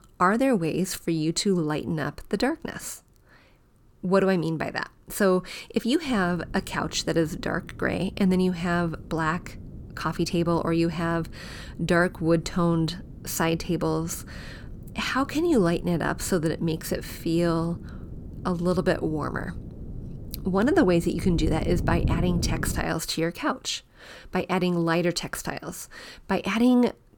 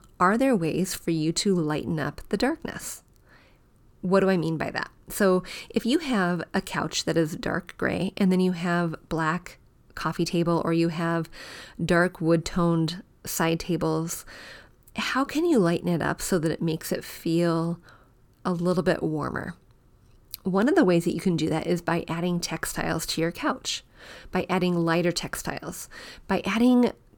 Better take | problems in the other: second | wind noise on the microphone; occasional gusts; from 6 to 23 s; 20 dB below the speech

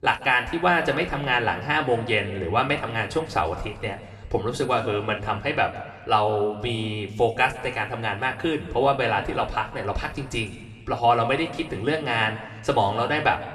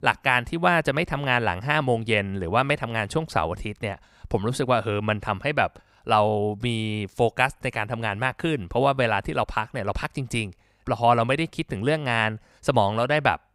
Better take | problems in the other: second | room echo; noticeable; dies away in 1.1 s // off-mic speech; somewhat distant

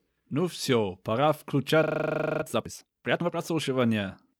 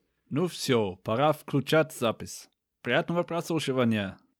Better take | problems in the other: second | audio freezing; at 2 s for 0.5 s

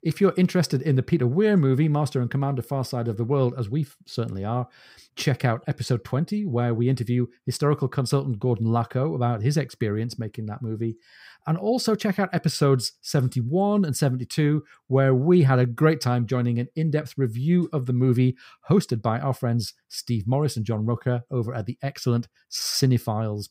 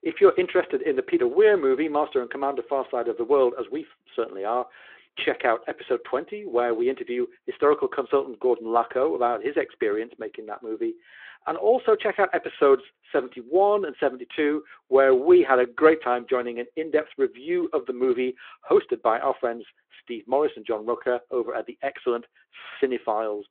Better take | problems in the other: first | phone-call audio

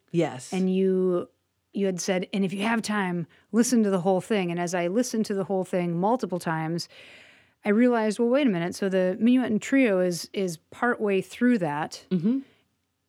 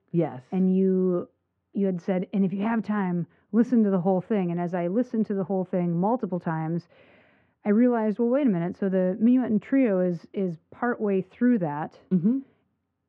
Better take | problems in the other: first | muffled; very; fading above 1.5 kHz

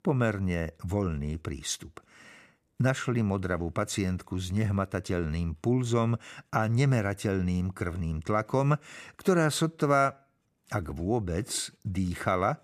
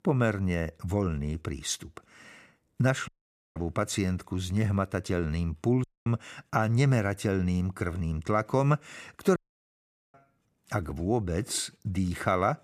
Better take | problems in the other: first | audio cutting out; at 3 s, at 6 s and at 9.5 s for 1 s

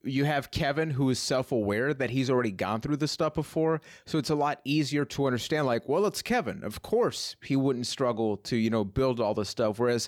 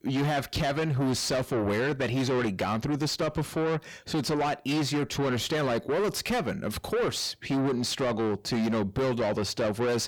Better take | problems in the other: first | distortion; heavy; 7 dB below the speech

